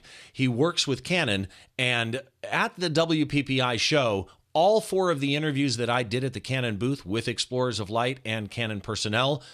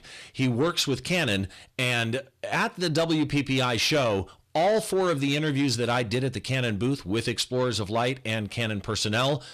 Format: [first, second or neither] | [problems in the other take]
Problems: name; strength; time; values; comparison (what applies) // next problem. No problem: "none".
first | distortion; slight; 10 dB below the speech